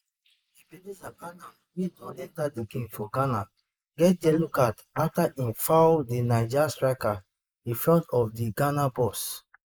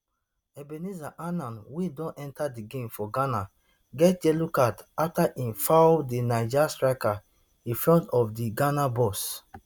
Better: second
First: noise reduction (neural mask model Resemble Enhance denoiser)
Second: none

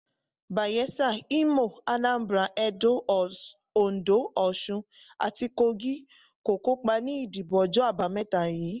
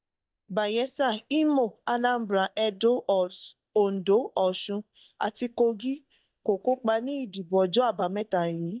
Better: first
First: none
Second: noise reduction (neural mask model DeepFilterNet 3)

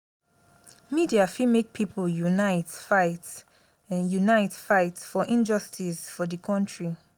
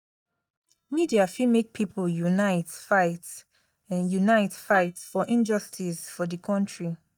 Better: first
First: none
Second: noise reduction (neural mask model DeepFilterNet 3)

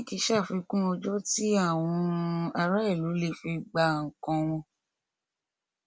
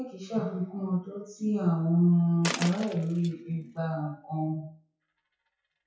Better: first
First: none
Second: noise reduction (classical method WPE with log-MMSE)

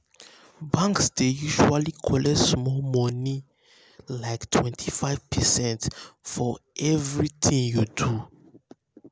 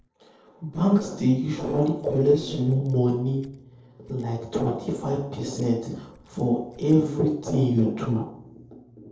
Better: first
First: none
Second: noise reduction (neural separator model SepFormer DNS4)

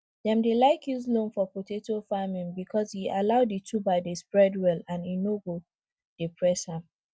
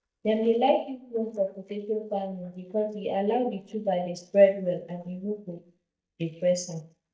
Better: first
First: none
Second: noise reduction (neural mask model DeepFilterNet 3)

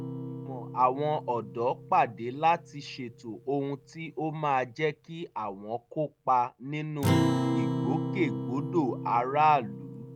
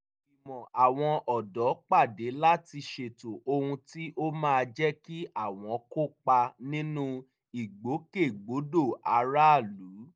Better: second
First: background sound (Acoustic guitar); 4 dB below the speech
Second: none

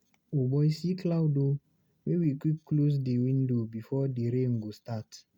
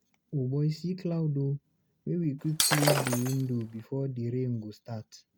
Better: first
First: none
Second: background sound (Shatter); 1 dB above the speech

